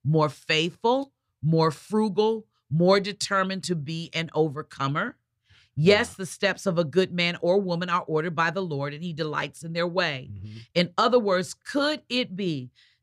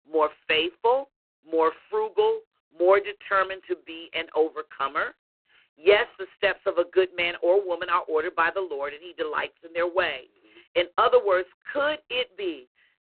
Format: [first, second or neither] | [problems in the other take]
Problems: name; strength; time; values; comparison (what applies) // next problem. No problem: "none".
first | phone-call audio; poor line